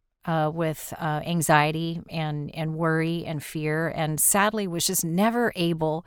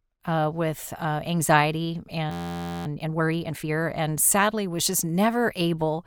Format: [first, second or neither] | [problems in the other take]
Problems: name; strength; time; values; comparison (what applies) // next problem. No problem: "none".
first | audio freezing; at 2.5 s for 0.5 s